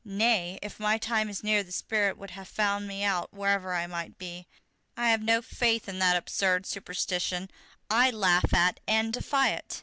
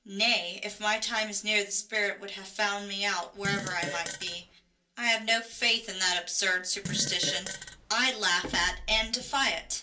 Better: first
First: none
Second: background sound (Fart); 8 dB below the speech // room echo; dies away in 0.3 s

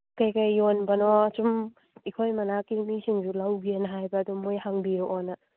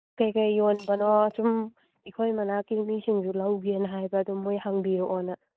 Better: first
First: none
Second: noise reduction (neural mask model DeepFilterNet 3)

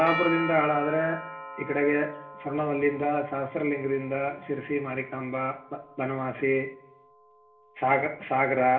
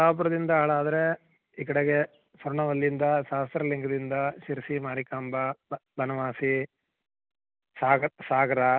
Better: second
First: background sound (Doorbell); 12 dB below the speech // room echo; dies away in 0.5 s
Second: none

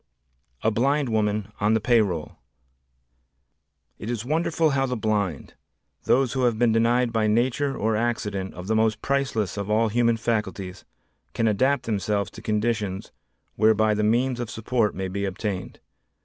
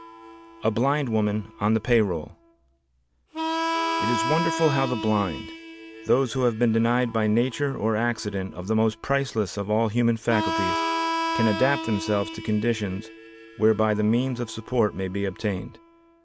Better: first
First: none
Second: background sound (Harmonica); 7 dB below the speech

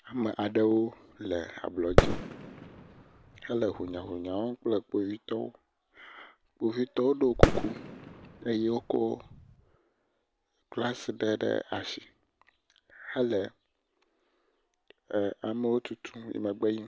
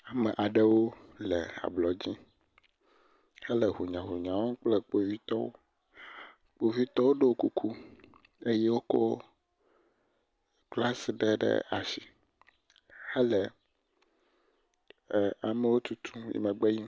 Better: second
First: background sound (Fireworks); 2 dB above the speech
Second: none

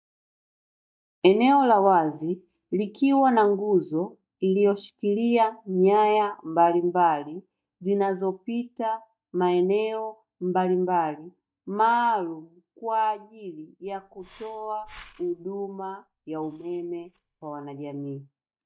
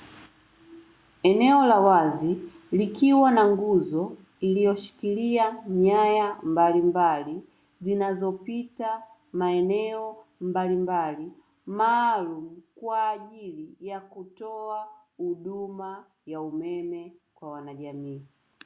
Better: second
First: noise reduction (neural mask model DeepFilterNet 3)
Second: none

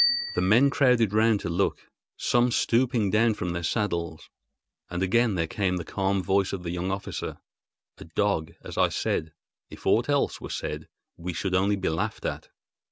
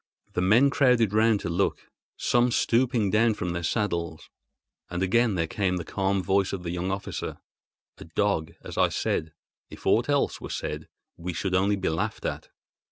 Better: second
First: background sound (Bicycle bell); 15 dB below the speech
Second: none

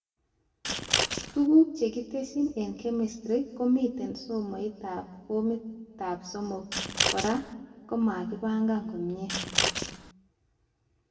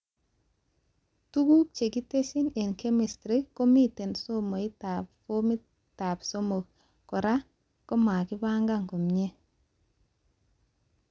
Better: second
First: background sound (Scissors); as loud as the speech // room echo; dies away in 1.3 s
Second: none

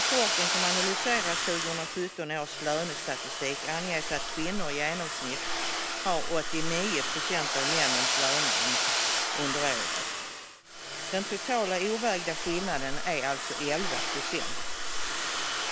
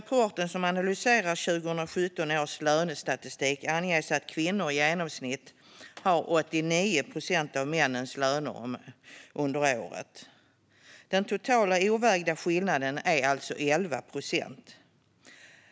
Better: second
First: background sound (Domestic sounds, home sounds); 2 dB above the speech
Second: none

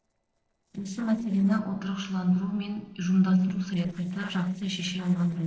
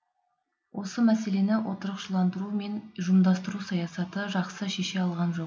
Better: second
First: noise reduction (neural separator model SepFormer DNS4)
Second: none

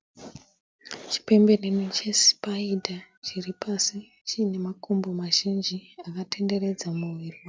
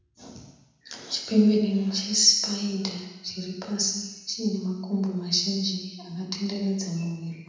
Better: first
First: none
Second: room echo; dies away in 1 s

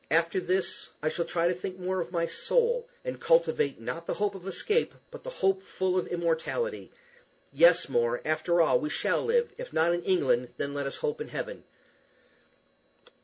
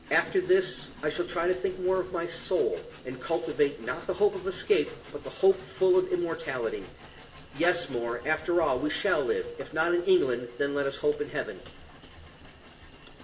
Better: first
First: none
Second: background sound (Train); 19 dB below the speech // room echo; dies away in 1 s

